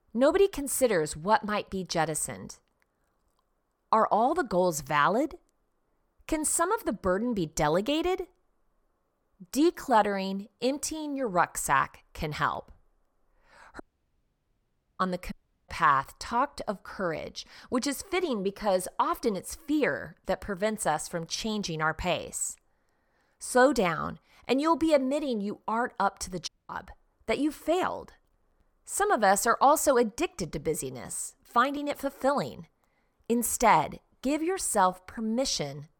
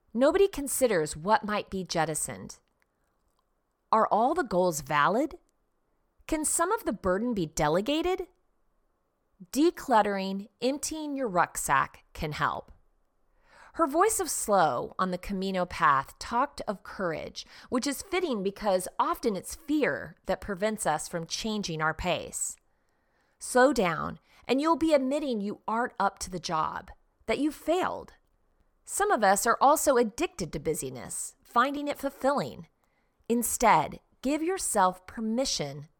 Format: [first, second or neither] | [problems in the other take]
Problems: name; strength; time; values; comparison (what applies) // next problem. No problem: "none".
second | audio cutting out; at 14 s for 1 s, at 15 s and at 26 s